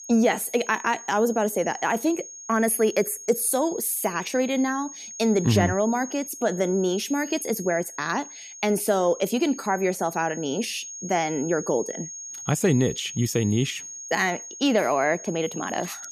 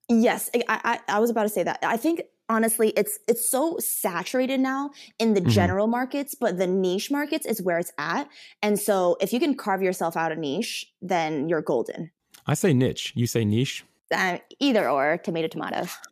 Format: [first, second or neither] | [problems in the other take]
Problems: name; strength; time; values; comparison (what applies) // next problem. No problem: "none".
second | high-pitched whine; noticeable; throughout; 6.5 kHz, 10 dB below the speech